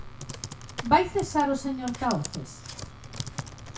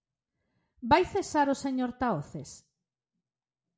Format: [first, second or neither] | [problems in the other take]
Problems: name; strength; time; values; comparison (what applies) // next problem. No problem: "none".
second | background sound (Computer keyboard); 10 dB below the speech // room echo; dies away in 0.2 s